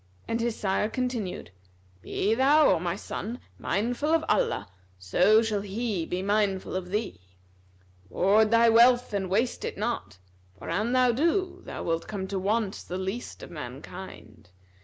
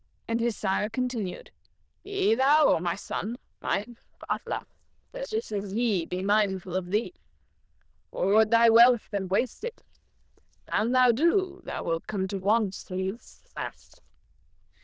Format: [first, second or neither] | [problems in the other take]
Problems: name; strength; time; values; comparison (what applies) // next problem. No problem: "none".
first | noise reduction (neural diffusion model UNIVERSE++)